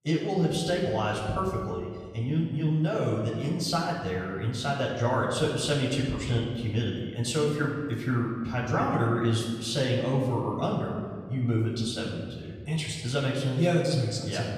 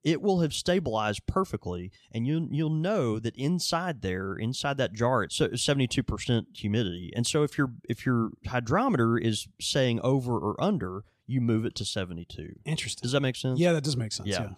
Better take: second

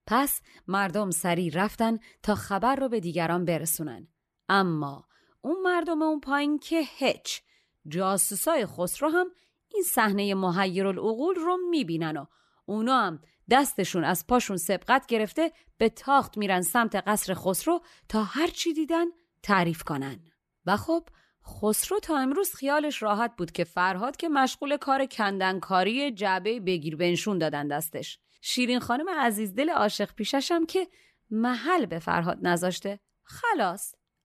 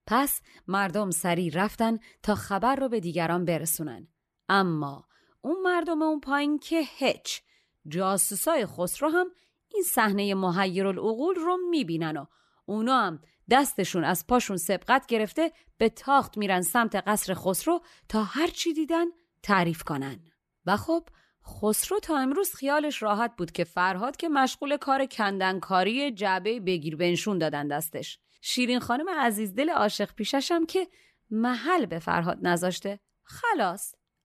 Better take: neither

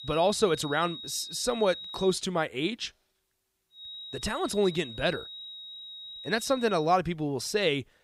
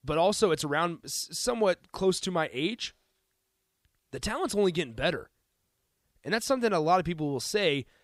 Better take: second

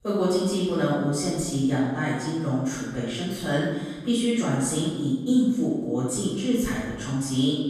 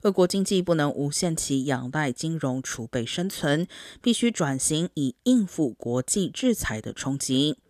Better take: second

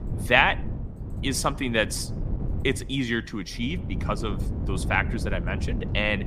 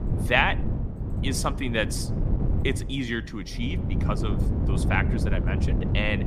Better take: first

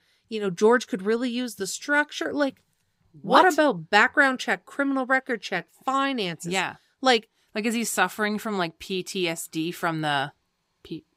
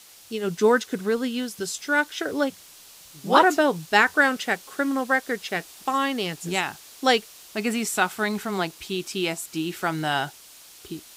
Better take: first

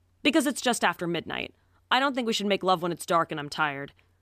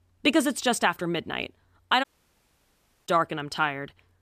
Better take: first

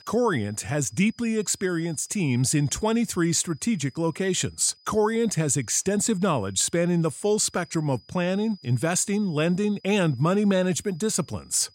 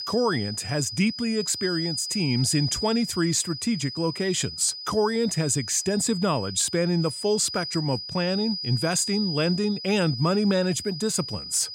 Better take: first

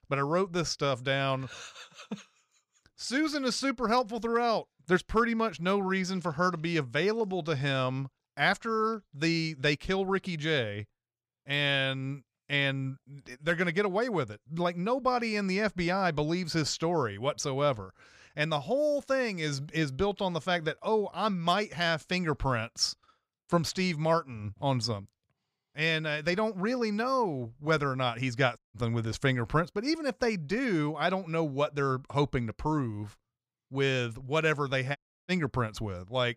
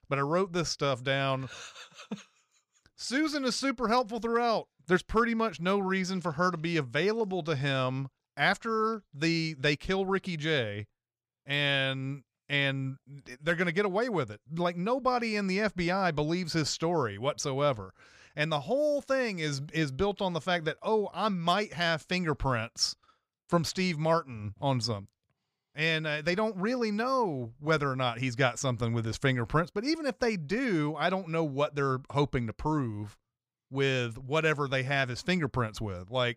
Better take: second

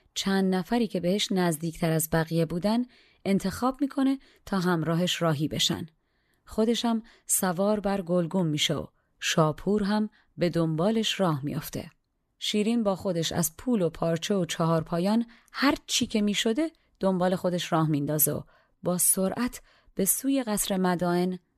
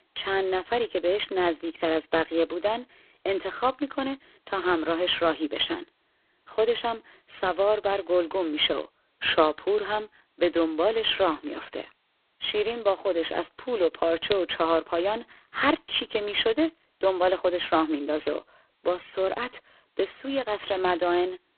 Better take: first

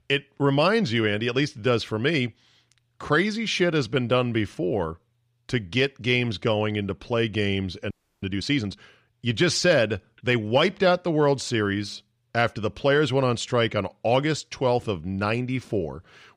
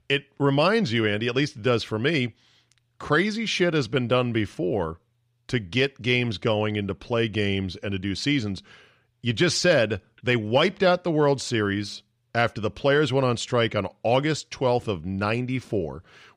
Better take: second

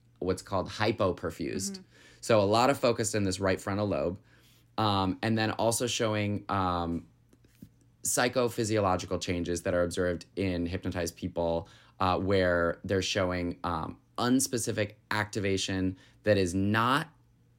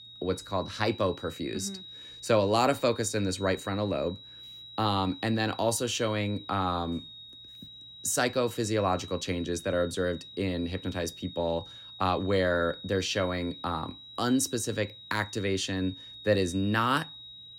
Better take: first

